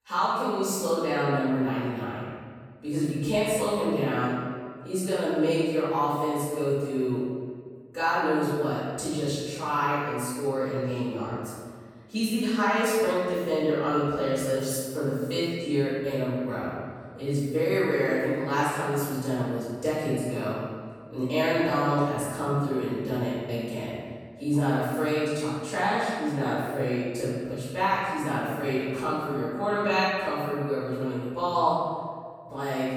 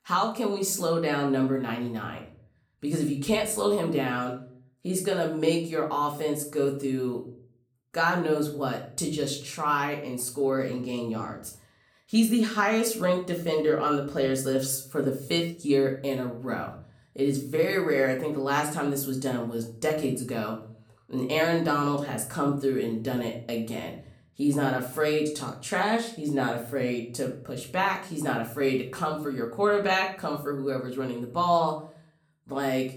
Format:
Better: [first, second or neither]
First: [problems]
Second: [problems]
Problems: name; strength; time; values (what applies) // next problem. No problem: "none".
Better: second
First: room echo; strong; dies away in 1.8 s // off-mic speech; far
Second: room echo; slight; dies away in 0.4 s // off-mic speech; somewhat distant